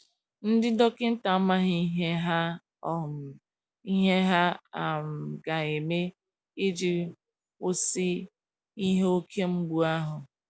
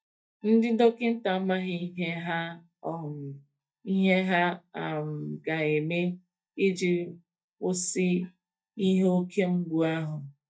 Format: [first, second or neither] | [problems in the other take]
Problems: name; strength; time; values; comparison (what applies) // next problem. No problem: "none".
first | noise reduction (neural mask model DeepFilterNet 3)